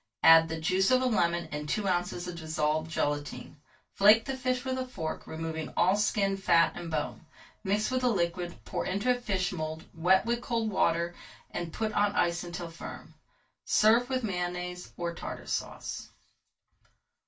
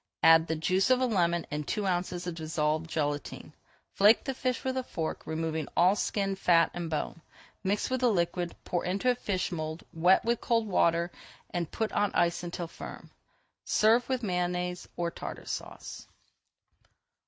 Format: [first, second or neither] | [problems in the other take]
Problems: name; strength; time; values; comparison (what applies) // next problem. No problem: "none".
second | room echo; dies away in 0.2 s